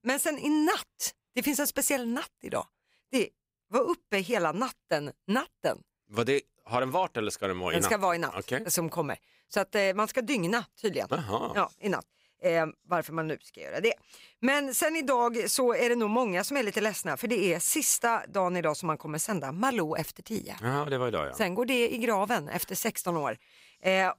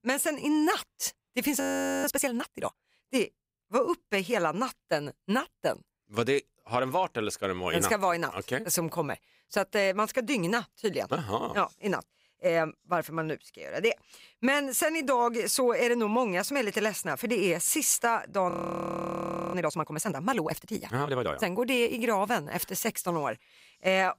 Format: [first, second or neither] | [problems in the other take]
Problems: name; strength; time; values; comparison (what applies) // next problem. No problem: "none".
first | audio freezing; at 1.5 s and at 19 s for 1 s